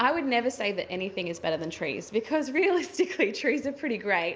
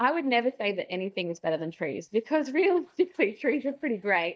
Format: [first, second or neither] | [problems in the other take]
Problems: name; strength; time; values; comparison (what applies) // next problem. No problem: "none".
first | noise reduction (neural mask model DeepFilterNet 3)